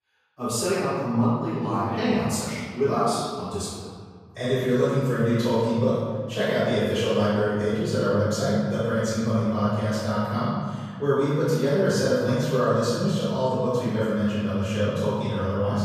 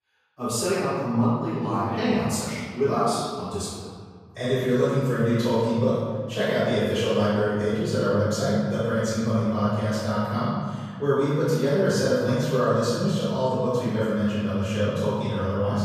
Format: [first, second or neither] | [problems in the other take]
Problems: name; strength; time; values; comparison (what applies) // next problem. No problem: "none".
neither | off-mic speech; far; the same in both // room echo; strong; dies away in 1.7 s; the same in both